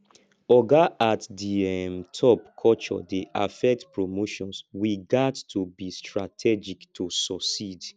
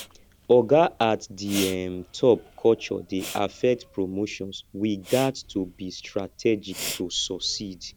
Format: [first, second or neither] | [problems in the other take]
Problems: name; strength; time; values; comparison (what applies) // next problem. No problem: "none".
first | background sound (Respiratory sounds); 16 dB below the speech